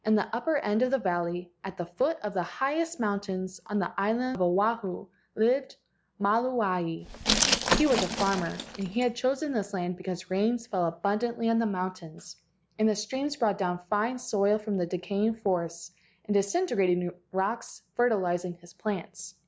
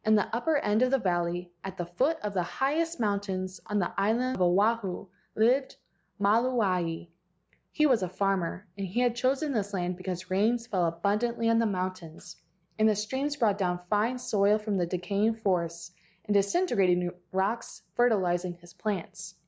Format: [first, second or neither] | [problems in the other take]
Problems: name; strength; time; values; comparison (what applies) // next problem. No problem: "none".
second | background sound (Glass); 1 dB below the speech